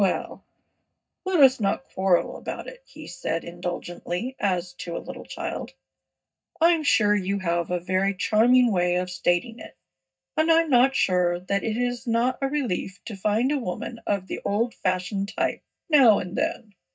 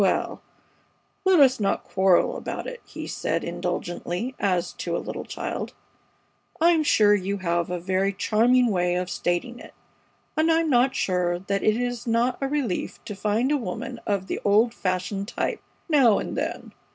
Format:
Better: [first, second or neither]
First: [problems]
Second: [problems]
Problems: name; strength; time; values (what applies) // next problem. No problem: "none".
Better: second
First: noise reduction (neural mask model DeepFilterNet 3)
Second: none